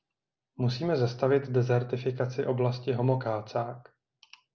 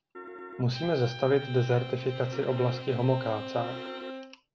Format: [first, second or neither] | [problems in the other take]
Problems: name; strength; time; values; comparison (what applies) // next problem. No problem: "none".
first | background sound (Piano + Bowed string instrument); 11 dB below the speech